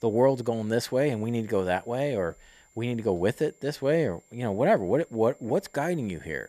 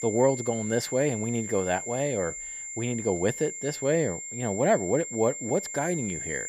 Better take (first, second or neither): first